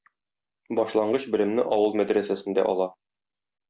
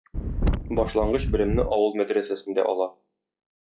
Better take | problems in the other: first | noise reduction (classical method log-MMSE)

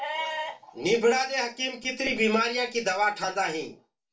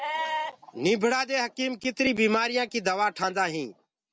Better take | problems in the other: second | room echo; dies away in 0.3 s

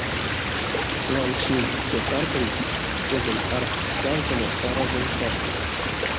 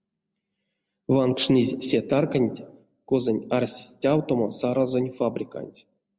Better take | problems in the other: second | background sound (Stream); 4 dB above the speech

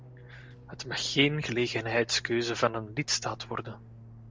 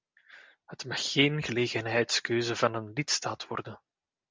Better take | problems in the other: second | background sound (Fixed-wing aircraft, airplane); 18 dB below the speech

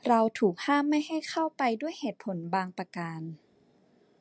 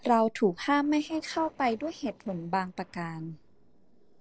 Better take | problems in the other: first | noise reduction (neural separator model SepFormer DNS4)

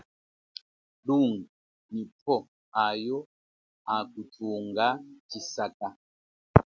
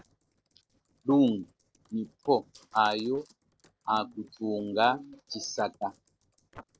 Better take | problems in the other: first | noise reduction (neural separator model SepFormer DNS4)

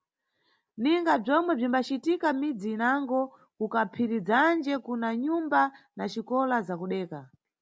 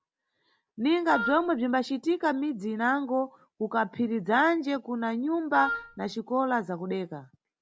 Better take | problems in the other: first | background sound (Wind instrument, woodwind instrument); 6 dB below the speech

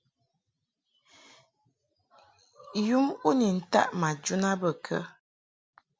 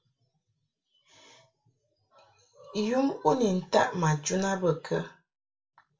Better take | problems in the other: first | room echo; dies away in 0.2 s

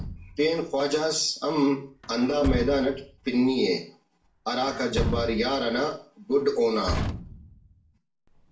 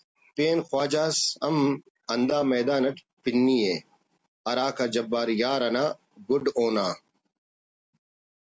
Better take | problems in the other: second | background sound (Truck); 8 dB below the speech // room echo; dies away in 0.4 s

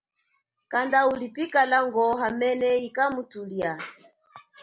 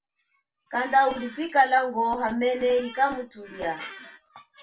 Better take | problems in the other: first | background sound (Squeak); 19 dB below the speech // room echo; dies away in 0.2 s

